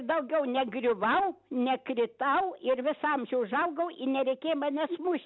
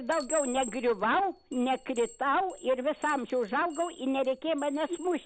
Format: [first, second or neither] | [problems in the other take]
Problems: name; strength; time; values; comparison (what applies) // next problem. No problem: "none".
first | background sound (Chime); 16 dB below the speech